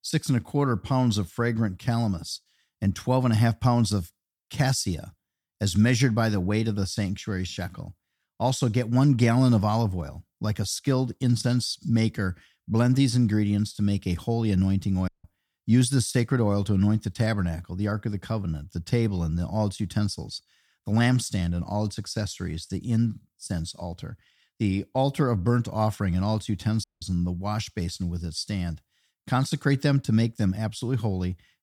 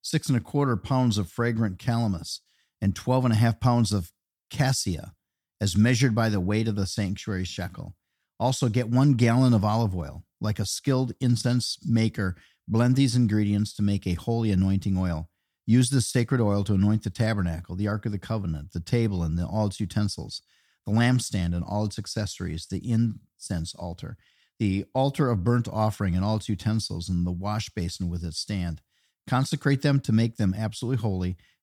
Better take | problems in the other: second | audio cutting out; at 15 s and at 27 s

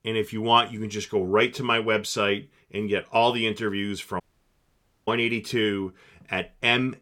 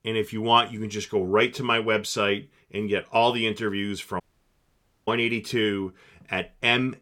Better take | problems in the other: neither | audio cutting out; at 4 s for 1 s; the same in both

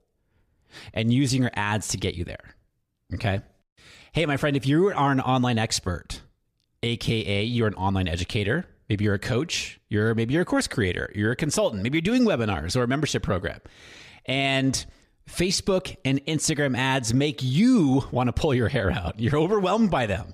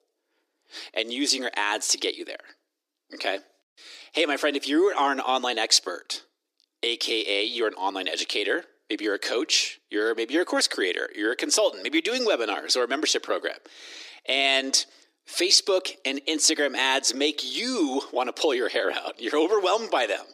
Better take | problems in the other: first | thin; somewhat; fading below 300 Hz

